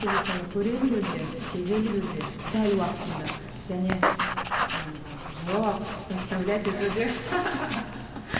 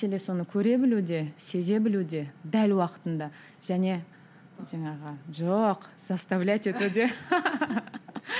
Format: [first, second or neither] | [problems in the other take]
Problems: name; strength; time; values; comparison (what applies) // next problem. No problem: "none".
second | background sound (Writing); 4 dB below the speech // room echo; dies away in 2.3 s